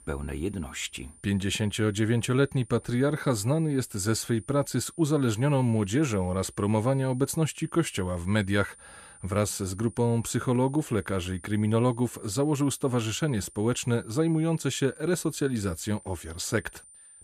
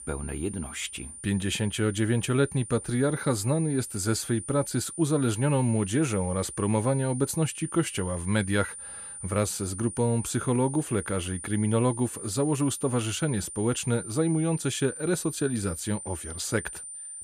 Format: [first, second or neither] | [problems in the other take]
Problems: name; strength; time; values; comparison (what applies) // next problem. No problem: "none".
first | high-pitched whine; loud; throughout; 9.5 kHz, 10 dB below the speech; faint in the first